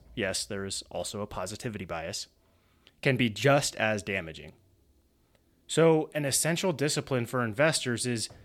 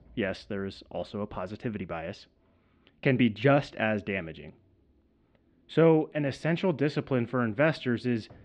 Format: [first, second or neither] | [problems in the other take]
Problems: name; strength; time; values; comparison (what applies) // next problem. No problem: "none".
first | muffled; very; fading above 3 kHz